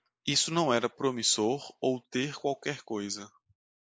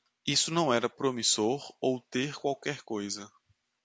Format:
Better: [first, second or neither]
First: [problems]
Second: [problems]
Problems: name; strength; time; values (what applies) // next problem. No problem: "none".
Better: second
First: noise reduction (neural mask model Resemble Enhance denoiser)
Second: none